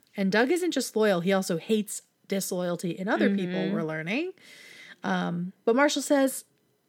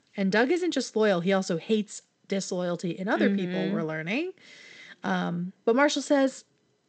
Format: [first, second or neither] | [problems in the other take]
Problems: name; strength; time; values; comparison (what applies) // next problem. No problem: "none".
first | garbled, watery; slightly; nothing above 8 kHz